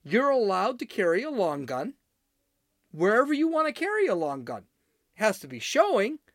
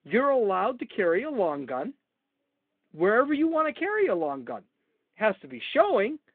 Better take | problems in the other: first | phone-call audio

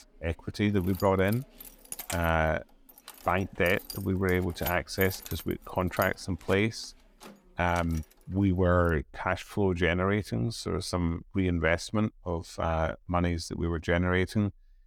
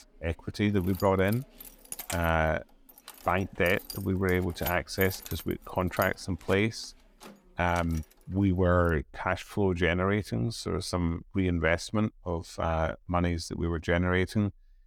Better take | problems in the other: neither | jangling keys; noticeable; from 1 to 8 s; peak 8 dB below the speech; the same in both

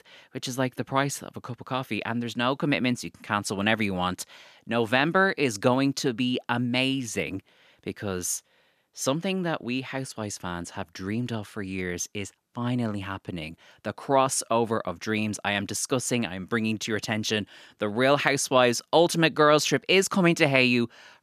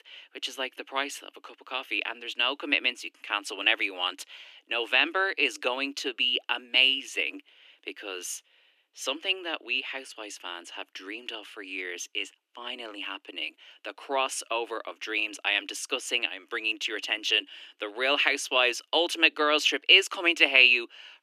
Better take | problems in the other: first | thin; somewhat; fading below 300 Hz

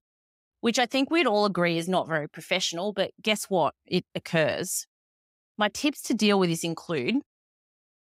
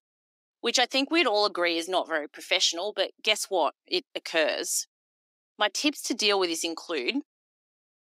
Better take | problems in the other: first | thin; very slightly; fading below 300 Hz

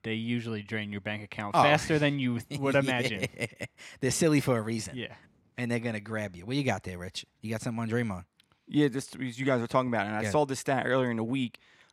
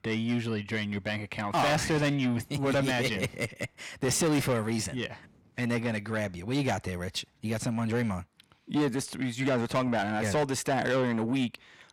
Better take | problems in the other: first | distortion; heavy; 7 dB below the speech

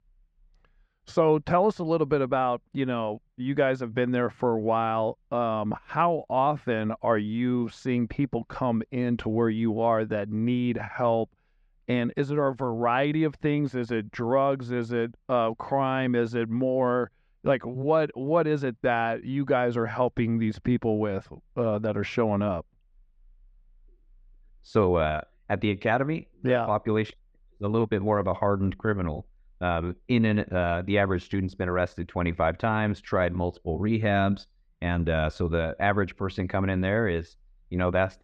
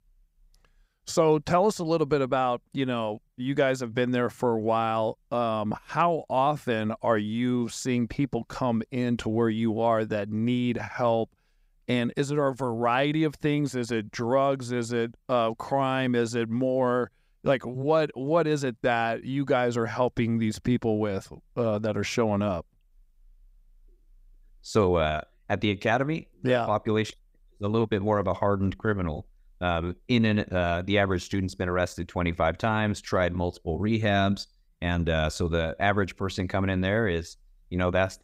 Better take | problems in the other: second | muffled; slightly; fading above 3 kHz

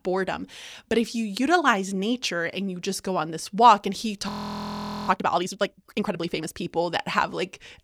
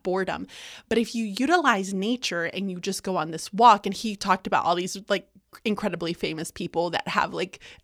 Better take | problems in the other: second | audio freezing; at 4.5 s for 1 s

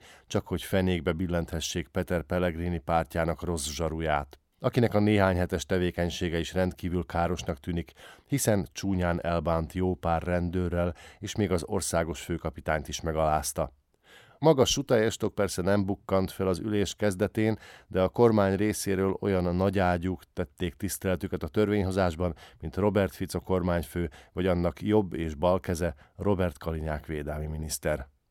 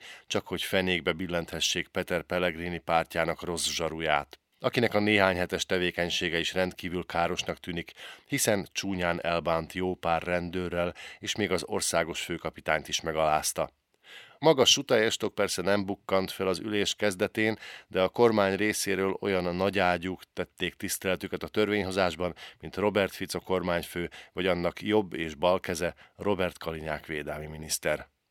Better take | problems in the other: first | thin; very slightly; fading below 600 Hz

